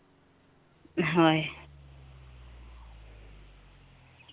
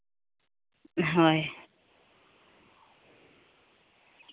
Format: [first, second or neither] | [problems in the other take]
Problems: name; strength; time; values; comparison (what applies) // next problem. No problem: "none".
second | background sound (Idling / Truck); 20 dB below the speech